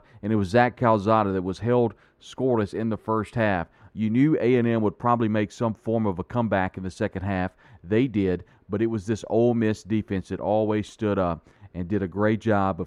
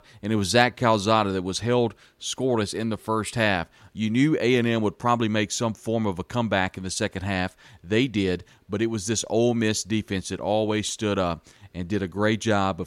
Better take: second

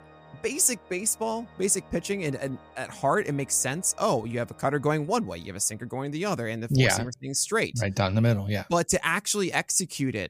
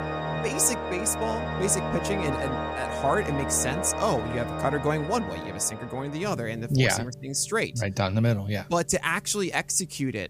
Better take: first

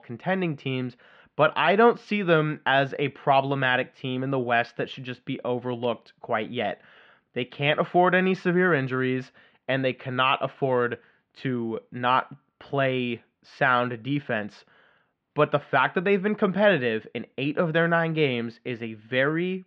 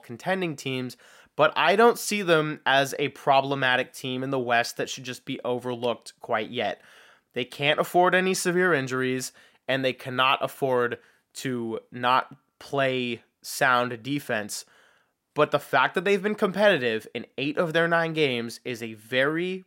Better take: second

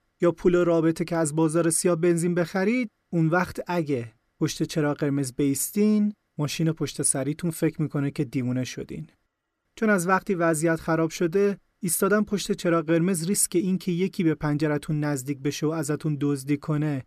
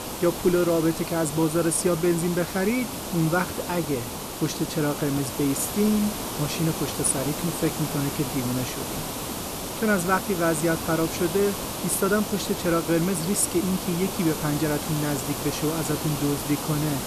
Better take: first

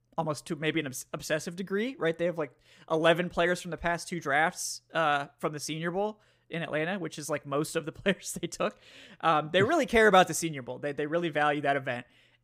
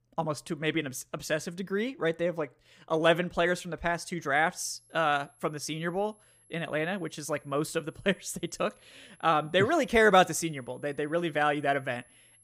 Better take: first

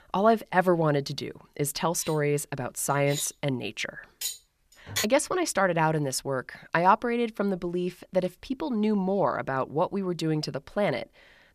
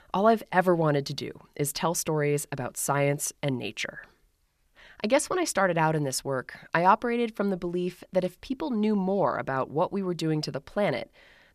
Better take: second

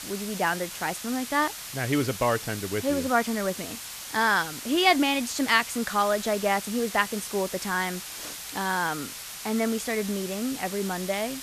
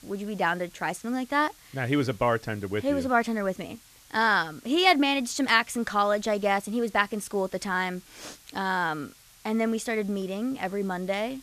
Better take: second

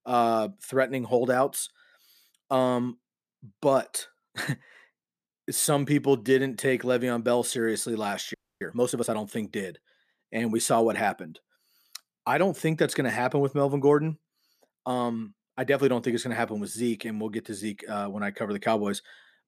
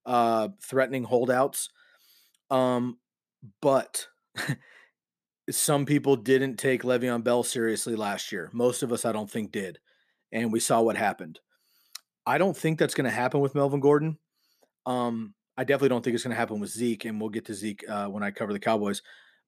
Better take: second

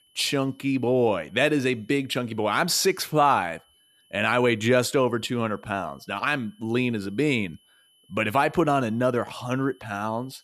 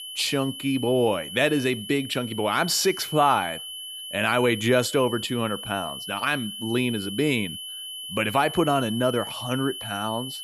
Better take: first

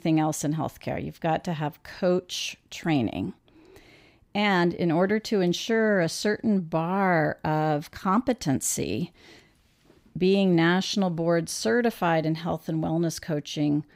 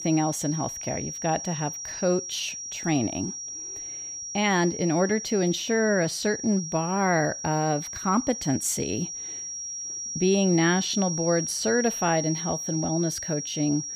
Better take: first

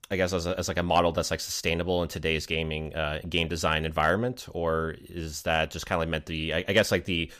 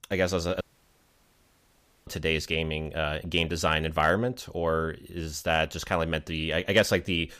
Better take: first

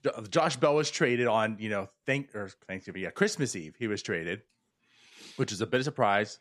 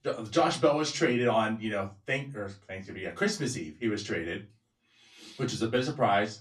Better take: first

